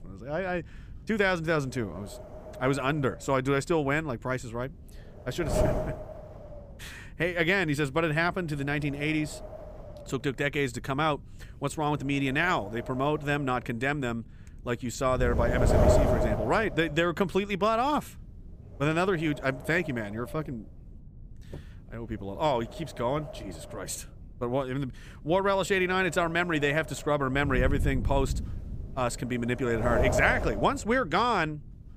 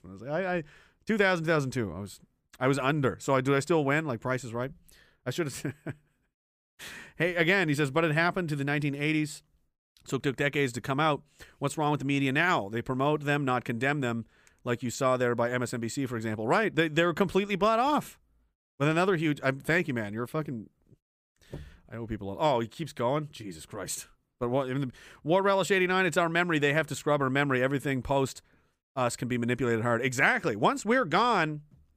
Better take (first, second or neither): second